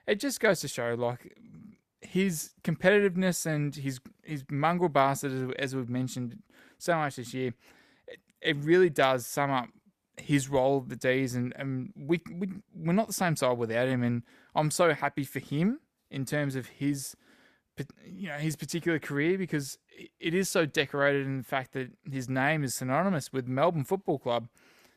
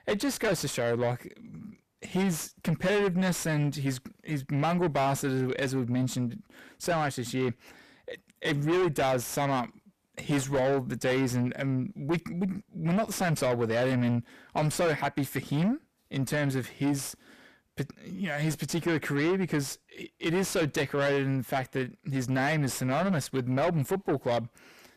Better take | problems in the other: first | distortion; heavy; 6 dB below the speech

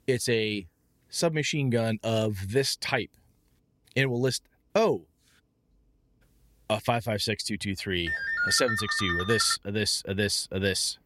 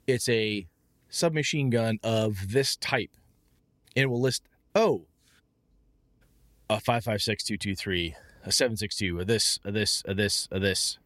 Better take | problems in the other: second | phone ringing; loud; from 8 to 9.5 s; peak 1 dB above the speech

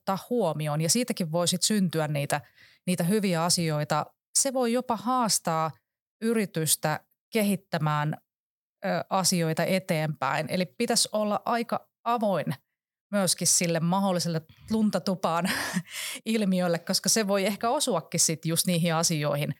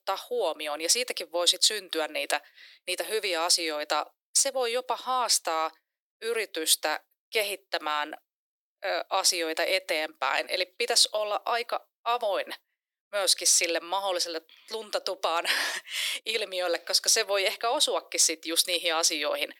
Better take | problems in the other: first | thin; very; fading below 300 Hz

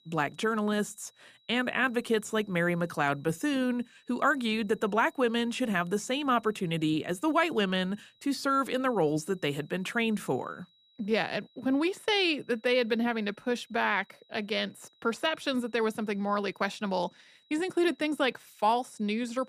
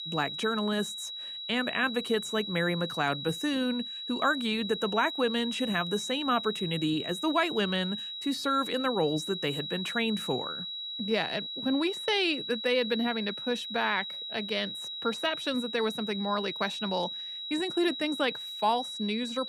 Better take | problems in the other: first | high-pitched whine; loud; throughout; 4 kHz, 5 dB below the speech; faint in the first

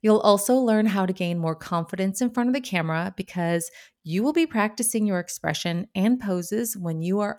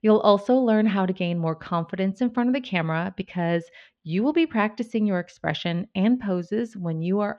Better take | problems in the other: first | muffled; slightly; fading above 3.5 kHz

